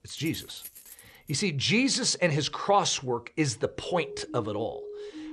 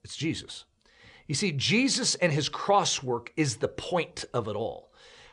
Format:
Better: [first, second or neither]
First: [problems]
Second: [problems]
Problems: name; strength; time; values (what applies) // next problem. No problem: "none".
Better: second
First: jangling keys; faint; until 1.5 s; peak 15 dB below the speech // siren; faint; from 4 s on; peak 15 dB below the speech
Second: none